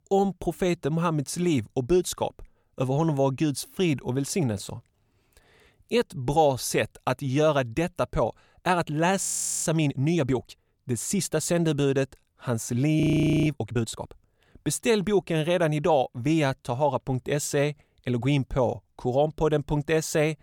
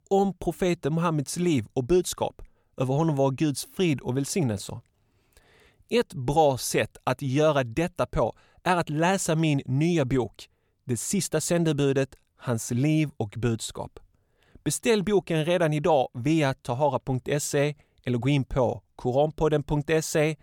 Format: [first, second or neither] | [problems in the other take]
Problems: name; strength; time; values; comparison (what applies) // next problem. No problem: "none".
second | audio freezing; at 9 s and at 13 s